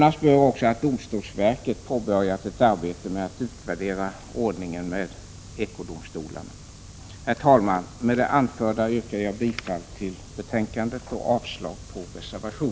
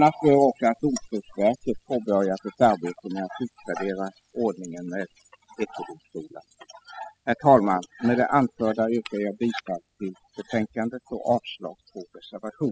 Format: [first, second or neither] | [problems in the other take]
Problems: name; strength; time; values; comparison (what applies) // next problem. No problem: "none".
first | noise reduction (classical method spectral subtraction)